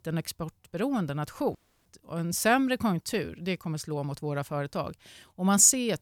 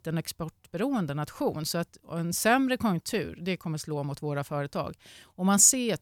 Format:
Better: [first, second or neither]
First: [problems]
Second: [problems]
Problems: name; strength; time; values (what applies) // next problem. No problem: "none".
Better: second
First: audio cutting out; at 1.5 s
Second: none